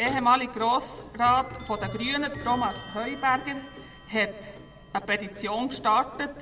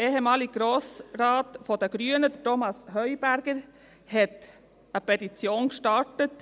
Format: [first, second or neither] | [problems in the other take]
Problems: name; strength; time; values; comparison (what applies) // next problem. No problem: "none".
second | background sound (Clock); 15 dB below the speech // room echo; dies away in 0.6 s